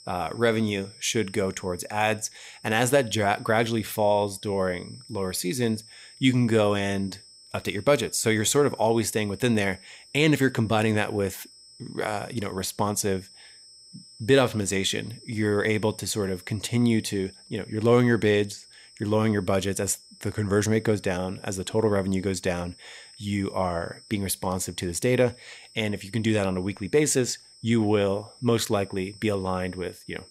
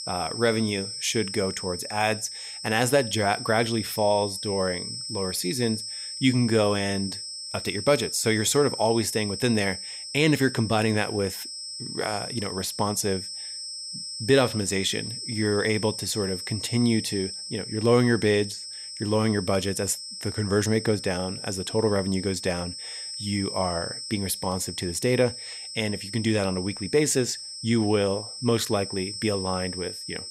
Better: first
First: high-pitched whine; faint; throughout; 5 kHz, 20 dB below the speech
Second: high-pitched whine; loud; throughout; 5 kHz, 7 dB below the speech

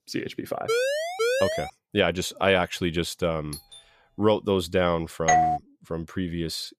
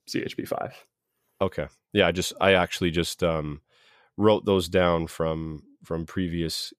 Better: second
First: siren; loud; from 0.5 to 1.5 s; peak 2 dB above the speech // doorbell; faint; at 3.5 s; peak 15 dB below the speech // doorbell; loud; at 5.5 s; peak 6 dB above the speech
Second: none

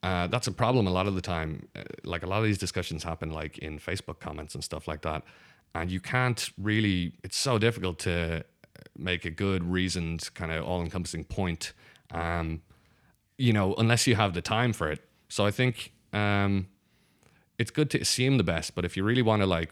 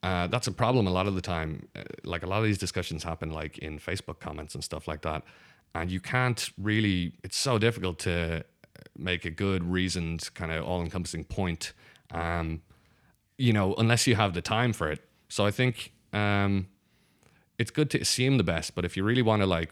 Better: neither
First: none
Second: none

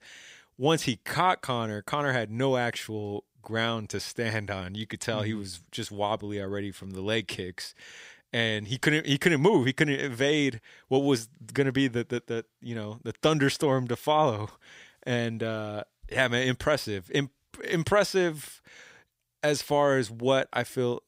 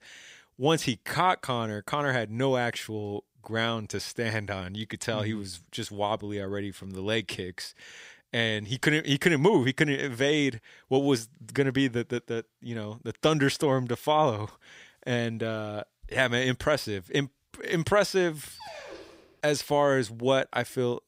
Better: first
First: none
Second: dog barking; faint; at 18 s; peak 15 dB below the speech

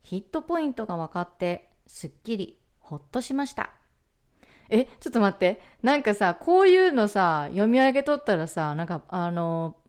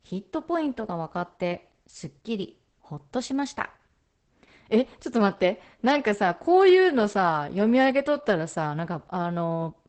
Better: first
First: garbled, watery; slightly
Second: garbled, watery; badly; nothing above 8 kHz

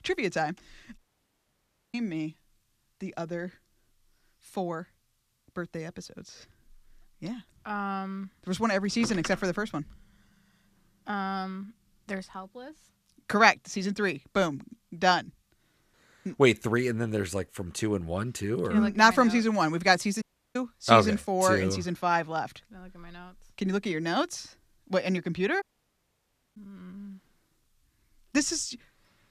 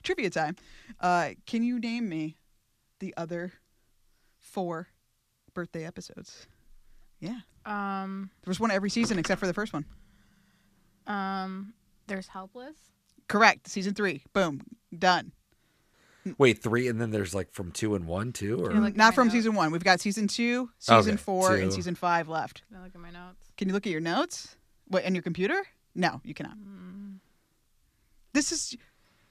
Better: second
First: audio cutting out; at 1 s for 1 s, at 20 s and at 26 s for 1 s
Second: none

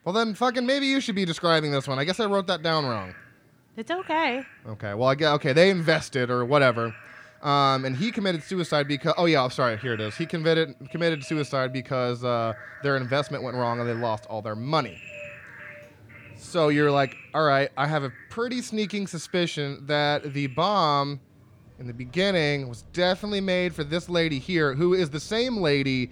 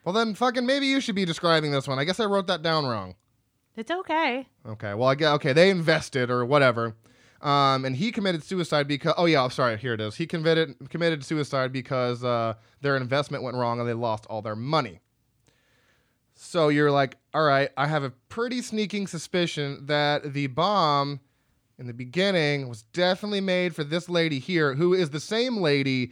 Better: second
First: animal sounds; faint; throughout; 20 dB below the speech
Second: none

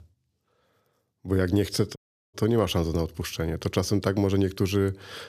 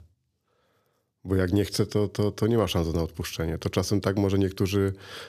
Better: second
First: audio cutting out; at 2 s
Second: none

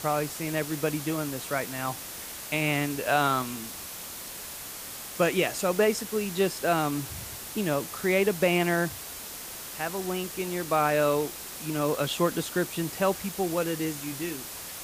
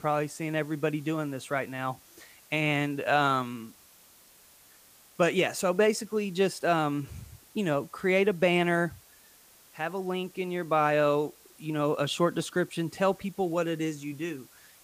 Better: second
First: hiss; loud; throughout; 9 dB below the speech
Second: hiss; faint; throughout; 25 dB below the speech

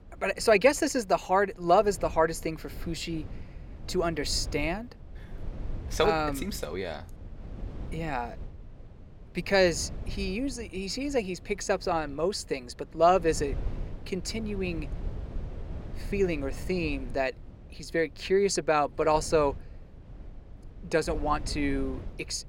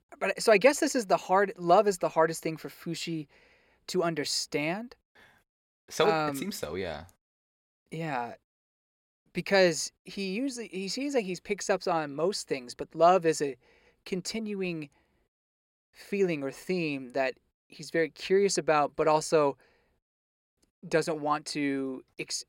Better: second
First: low rumble; faint; throughout; 25 dB below the speech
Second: none

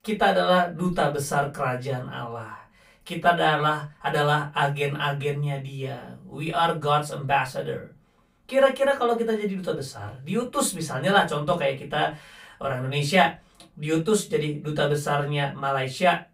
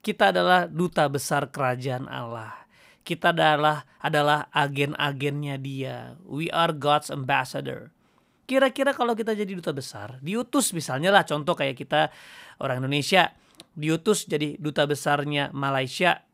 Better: second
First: off-mic speech; far // room echo; very slight; dies away in 0.2 s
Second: none

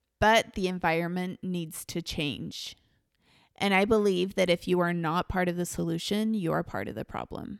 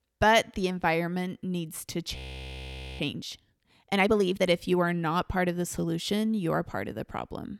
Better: first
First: none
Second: audio freezing; at 2 s for 1 s

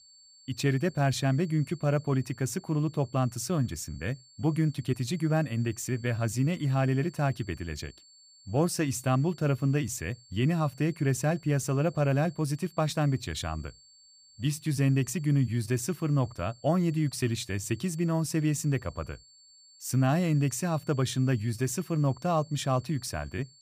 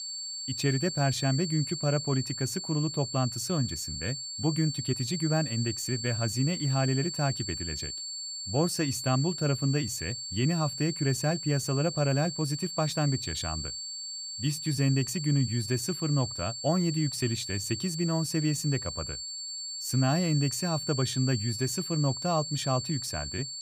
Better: first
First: high-pitched whine; faint; throughout; 4.5 kHz, 25 dB below the speech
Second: high-pitched whine; loud; throughout; 4.5 kHz, 5 dB below the speech

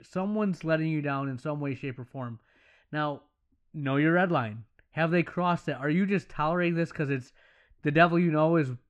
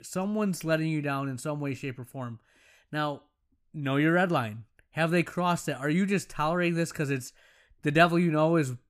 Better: second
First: muffled; slightly; fading above 3 kHz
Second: none

